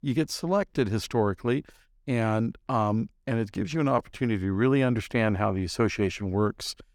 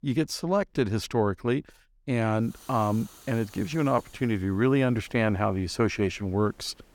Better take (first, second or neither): first